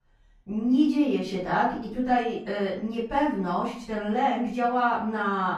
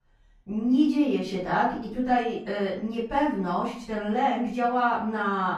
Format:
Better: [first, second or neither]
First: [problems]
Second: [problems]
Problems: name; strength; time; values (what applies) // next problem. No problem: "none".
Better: neither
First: room echo; noticeable; dies away in 0.5 s // off-mic speech; far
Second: room echo; noticeable; dies away in 0.5 s // off-mic speech; far